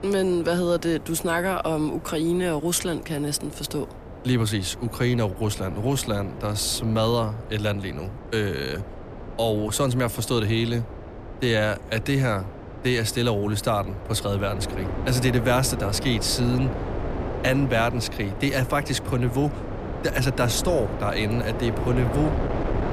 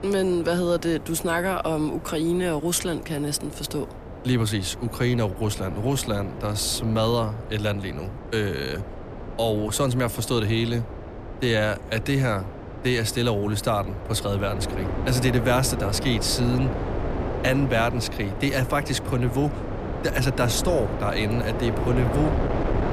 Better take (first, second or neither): first